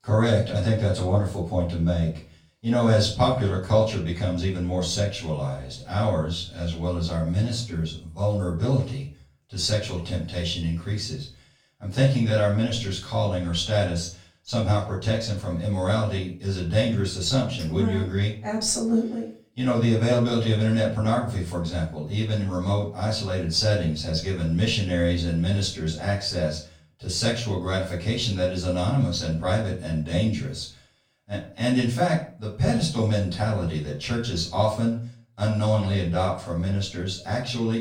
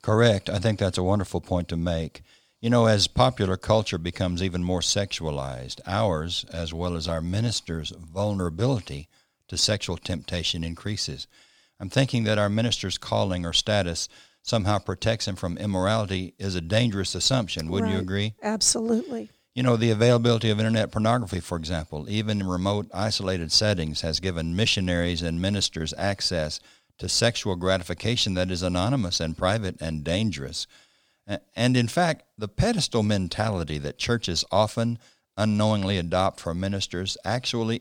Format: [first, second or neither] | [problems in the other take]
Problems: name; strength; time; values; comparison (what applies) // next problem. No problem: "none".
second | off-mic speech; far // room echo; slight; dies away in 0.4 s